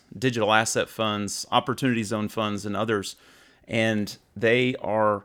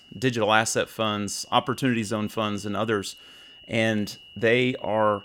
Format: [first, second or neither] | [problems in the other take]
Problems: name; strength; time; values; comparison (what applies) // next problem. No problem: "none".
first | high-pitched whine; faint; throughout; 3 kHz, 20 dB below the speech